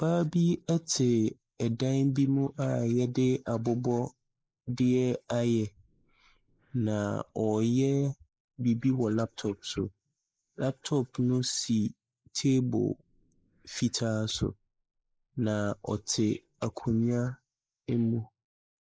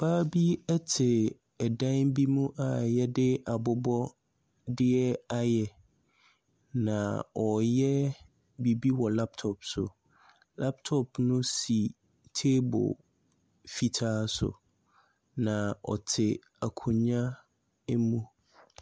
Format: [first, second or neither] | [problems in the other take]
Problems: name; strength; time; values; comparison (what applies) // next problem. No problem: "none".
second | noise reduction (neural mask model Resemble Enhance denoiser)